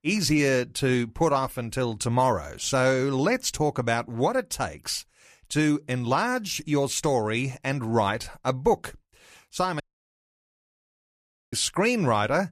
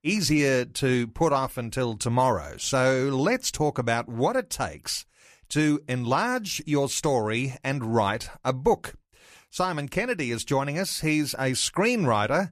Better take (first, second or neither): second